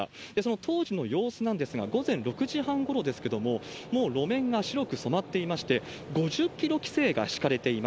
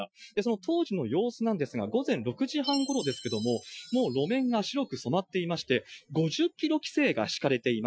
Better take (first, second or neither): first